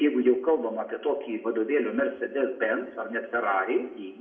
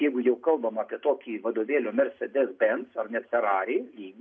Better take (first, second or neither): second